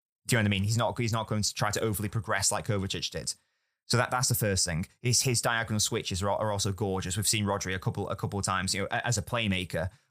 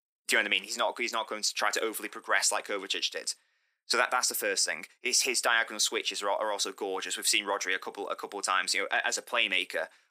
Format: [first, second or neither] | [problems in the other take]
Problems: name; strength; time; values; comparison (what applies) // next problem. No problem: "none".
first | thin; very; fading below 300 Hz